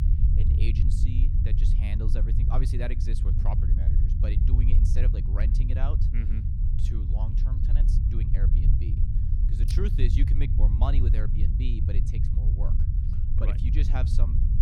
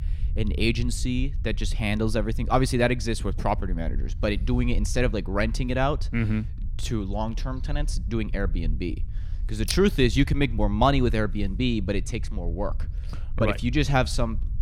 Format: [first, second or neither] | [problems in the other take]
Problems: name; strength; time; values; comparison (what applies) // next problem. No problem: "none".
second | low rumble; loud; throughout; 1 dB below the speech; faint in the second